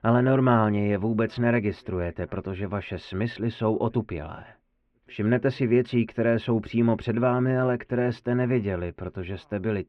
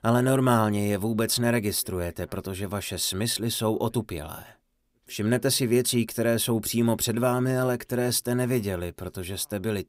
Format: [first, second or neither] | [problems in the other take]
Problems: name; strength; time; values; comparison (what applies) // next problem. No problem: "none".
second | muffled; very; fading above 2.5 kHz